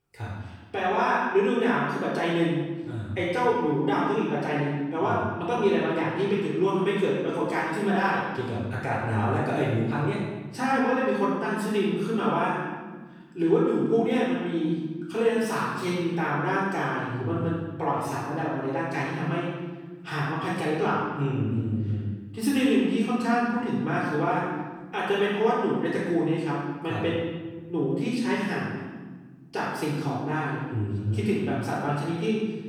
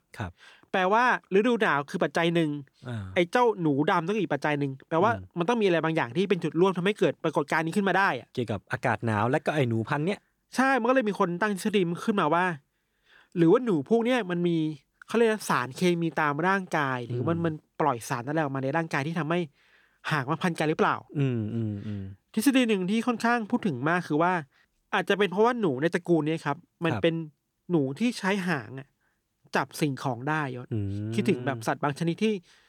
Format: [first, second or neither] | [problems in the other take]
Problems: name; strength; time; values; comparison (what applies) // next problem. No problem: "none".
second | off-mic speech; far // room echo; strong; dies away in 1.2 s